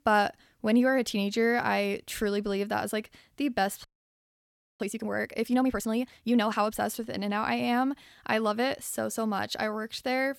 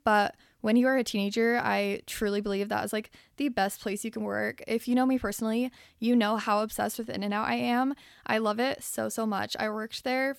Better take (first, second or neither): second